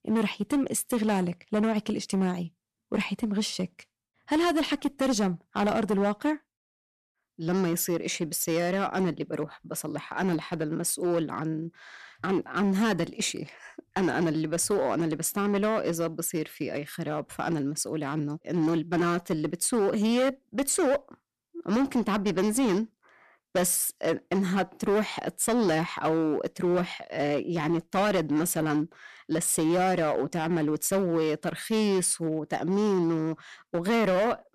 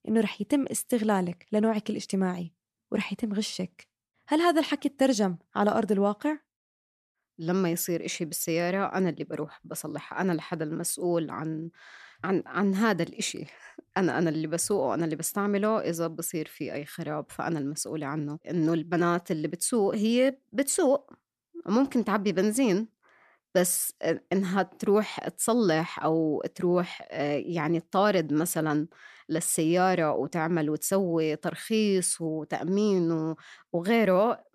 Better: second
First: distortion; slight; 9% of the sound clipped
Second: none

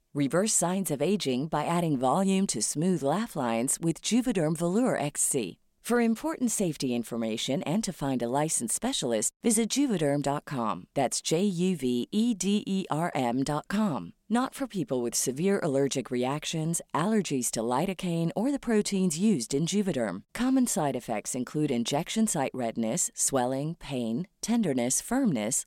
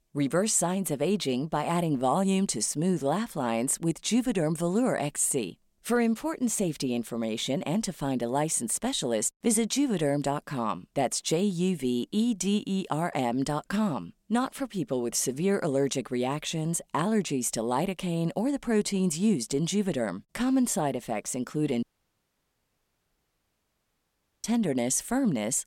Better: first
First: none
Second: audio cutting out; at 22 s for 2.5 s

